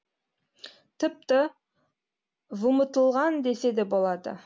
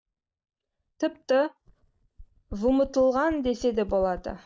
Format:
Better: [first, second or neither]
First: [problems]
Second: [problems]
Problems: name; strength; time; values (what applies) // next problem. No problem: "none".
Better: first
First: none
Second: noise reduction (neural mask model DeepFilterNet 3)